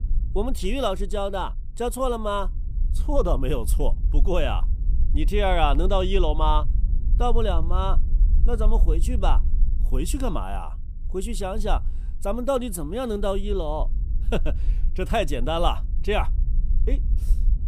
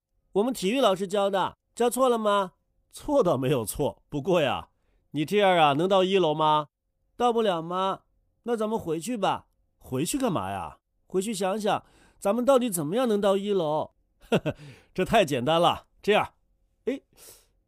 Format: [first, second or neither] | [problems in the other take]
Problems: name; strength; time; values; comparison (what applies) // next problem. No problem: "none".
second | low rumble; faint; throughout; 20 dB below the speech